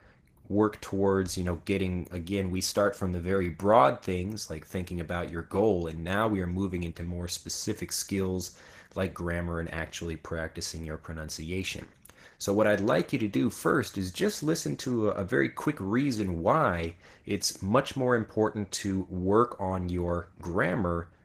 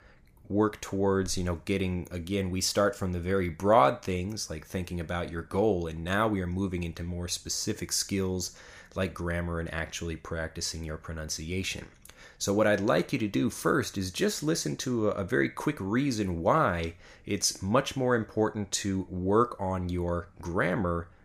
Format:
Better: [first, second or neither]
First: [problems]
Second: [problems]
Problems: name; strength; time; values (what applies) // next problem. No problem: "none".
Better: second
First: garbled, watery; slightly; nothing above 15 kHz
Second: none